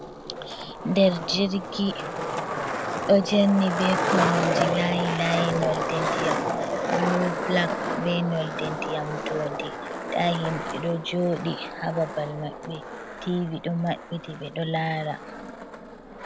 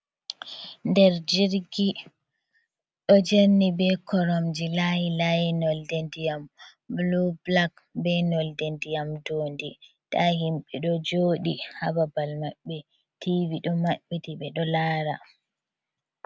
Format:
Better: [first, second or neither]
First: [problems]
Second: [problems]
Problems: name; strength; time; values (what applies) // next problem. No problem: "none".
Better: second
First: background sound (Skateboard); 2 dB below the speech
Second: none